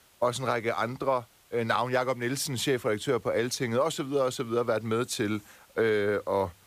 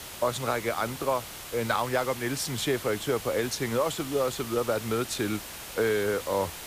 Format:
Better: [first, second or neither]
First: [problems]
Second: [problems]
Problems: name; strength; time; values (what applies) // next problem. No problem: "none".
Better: first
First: hiss; faint; throughout; 30 dB below the speech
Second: hiss; loud; throughout; 10 dB below the speech